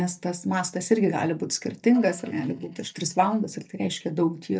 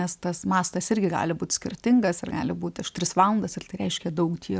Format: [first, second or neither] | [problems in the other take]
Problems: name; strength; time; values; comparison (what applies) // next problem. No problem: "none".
second | noise reduction (neural mask model DeepFilterNet 3)